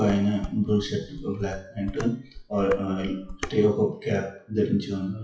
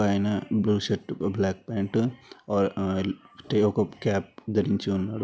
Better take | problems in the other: second | noise reduction (classical method WPE with log-MMSE)

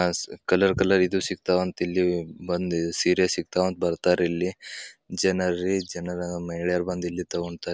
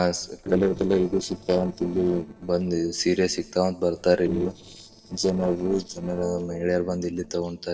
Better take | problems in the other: first | noise reduction (neural separator model SepFormer DNS4)

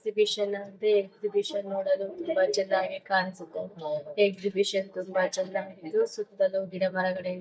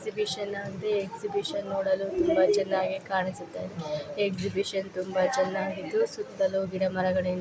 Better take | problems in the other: second | noise reduction (neural mask model DeepFilterNet 3)

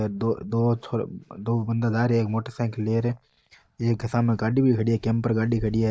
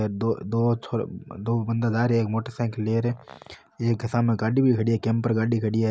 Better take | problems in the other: second | noise reduction (neural mask model DeepFilterNet 3)

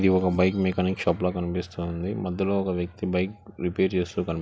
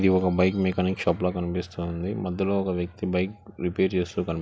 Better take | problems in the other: second | background sound (Whoosh, swoosh, swish); 20 dB below the speech

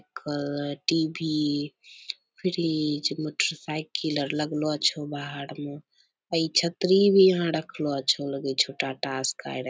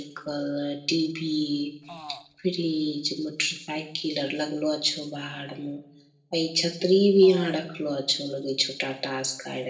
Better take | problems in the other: first | noise reduction (neural separator model SepFormer DNS4)

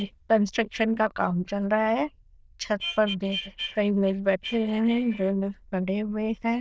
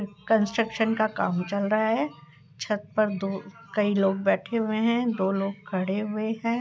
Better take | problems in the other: second | noise reduction (neural diffusion model UNIVERSE++)

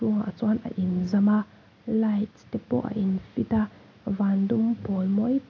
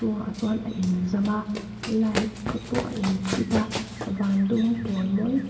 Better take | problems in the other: first | background sound (Run); 9 dB below the speech // room echo; dies away in 2.3 s

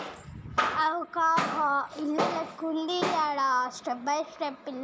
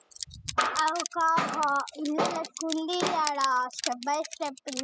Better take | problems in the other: first | noise reduction (classical method spectral subtraction)

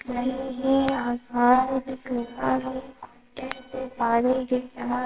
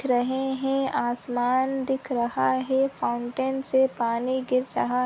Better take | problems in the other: second | noise reduction (neural separator model SepFormer WHAMR!)

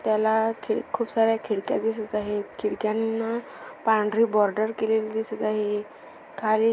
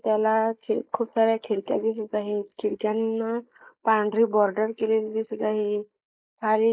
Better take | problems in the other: first | noise reduction (neural mask model Resemble Enhance denoiser)

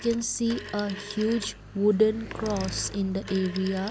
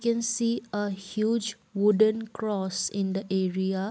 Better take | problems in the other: second | background sound (Bicycle + Telephone); 12 dB below the speech

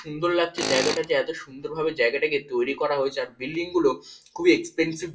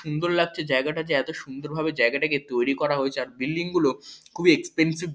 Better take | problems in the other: second | background sound (Tools); 10 dB below the speech // room echo; dies away in 0.2 s

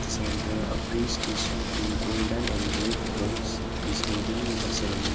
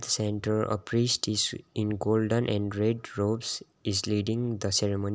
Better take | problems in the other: second | background sound (Wind); 4 dB above the speech // room echo; dies away in 2 s

